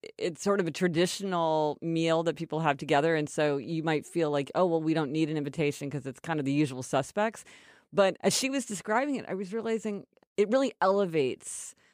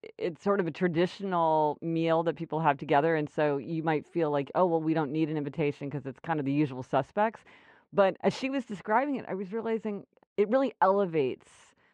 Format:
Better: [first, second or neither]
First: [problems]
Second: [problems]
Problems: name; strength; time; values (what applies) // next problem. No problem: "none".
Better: first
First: none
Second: muffled; very; fading above 2.5 kHz